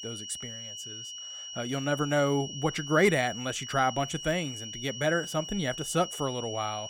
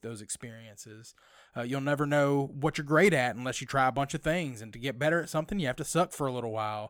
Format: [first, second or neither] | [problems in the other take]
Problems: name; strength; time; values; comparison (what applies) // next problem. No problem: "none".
second | high-pitched whine; loud; throughout; 3 kHz, 9 dB below the speech